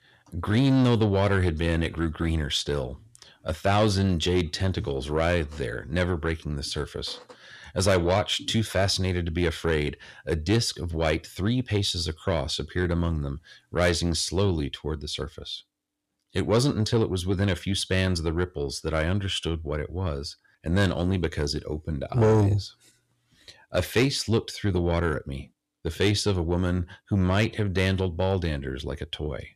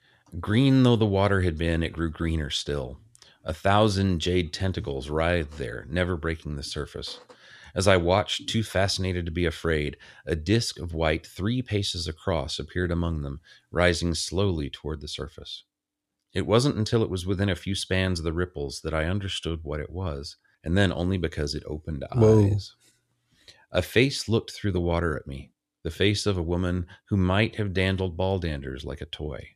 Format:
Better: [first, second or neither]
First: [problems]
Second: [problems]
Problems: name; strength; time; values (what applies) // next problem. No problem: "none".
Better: second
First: distortion; slight; 10 dB below the speech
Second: none